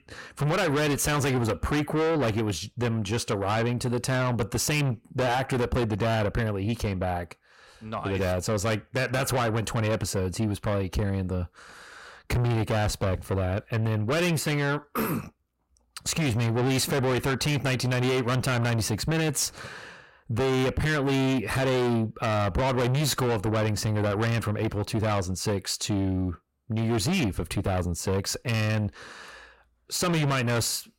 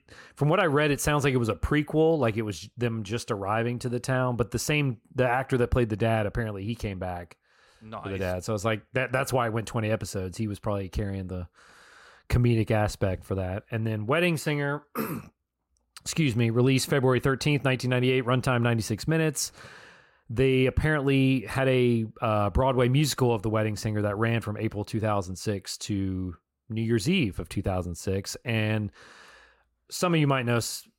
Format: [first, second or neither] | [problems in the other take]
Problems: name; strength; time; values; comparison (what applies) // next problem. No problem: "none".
second | distortion; heavy; 6 dB below the speech